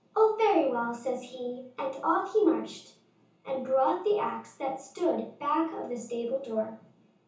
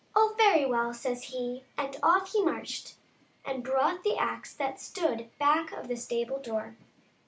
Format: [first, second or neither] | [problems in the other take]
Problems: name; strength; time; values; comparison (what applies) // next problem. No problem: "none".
second | room echo; dies away in 0.6 s